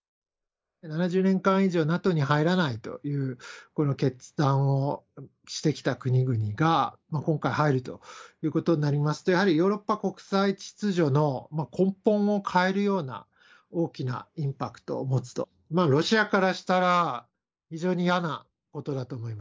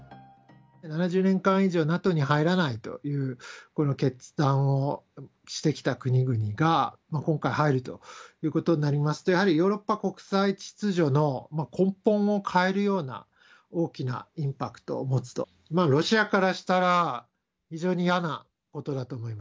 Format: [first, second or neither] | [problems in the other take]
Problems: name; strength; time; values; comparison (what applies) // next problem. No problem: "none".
second | noise reduction (neural mask model Resemble Enhance denoiser)